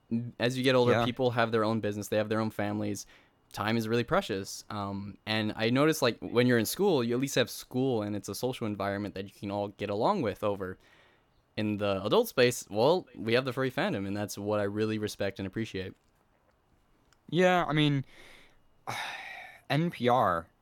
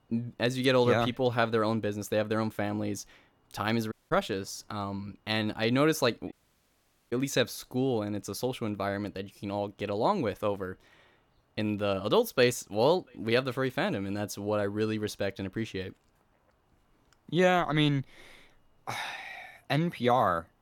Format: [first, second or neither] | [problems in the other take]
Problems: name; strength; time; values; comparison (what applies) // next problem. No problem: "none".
first | audio cutting out; at 4 s and at 6.5 s for 1 s